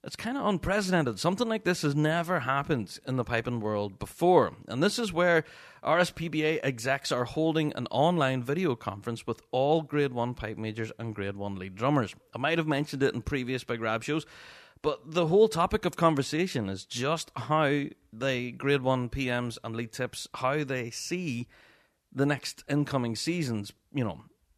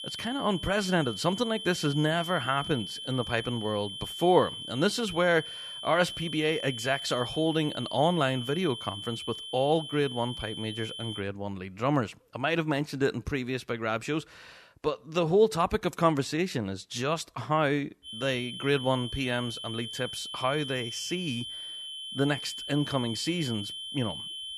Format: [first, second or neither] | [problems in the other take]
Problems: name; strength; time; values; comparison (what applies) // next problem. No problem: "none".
first | high-pitched whine; loud; until 11 s and from 18 s on; 3 kHz, 7 dB below the speech